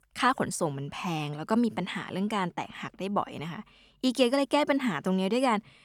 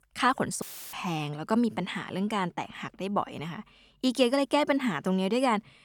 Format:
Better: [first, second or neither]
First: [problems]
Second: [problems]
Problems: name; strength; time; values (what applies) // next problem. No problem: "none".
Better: first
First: none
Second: audio cutting out; filled with static; at 0.5 s